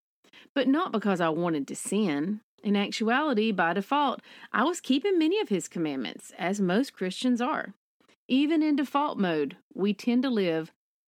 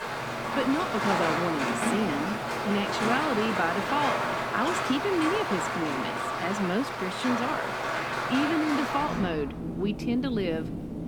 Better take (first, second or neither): first